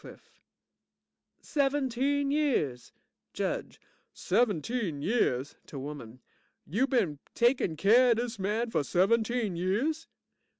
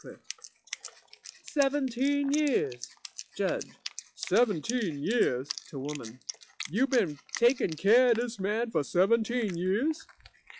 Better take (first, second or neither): first